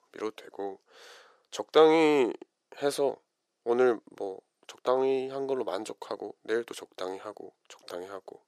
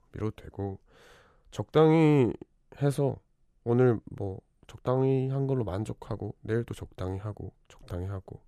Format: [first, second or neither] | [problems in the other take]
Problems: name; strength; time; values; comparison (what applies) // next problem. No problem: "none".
second | thin; very; fading below 400 Hz